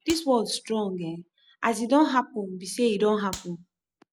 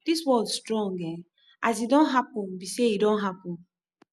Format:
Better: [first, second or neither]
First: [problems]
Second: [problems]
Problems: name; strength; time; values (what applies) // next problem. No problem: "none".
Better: second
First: background sound (Clapping); 17 dB below the speech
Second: none